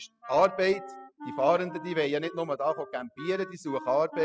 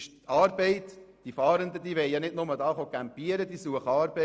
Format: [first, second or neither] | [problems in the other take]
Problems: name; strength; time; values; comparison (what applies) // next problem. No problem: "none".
second | noise reduction (classical method spectral subtraction)